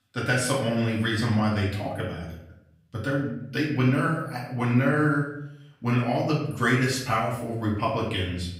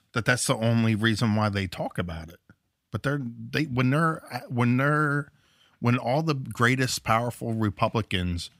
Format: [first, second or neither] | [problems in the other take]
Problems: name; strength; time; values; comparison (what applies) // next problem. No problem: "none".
second | room echo; noticeable; dies away in 0.6 s // off-mic speech; far